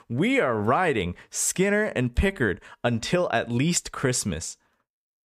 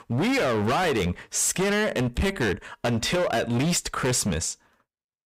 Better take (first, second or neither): first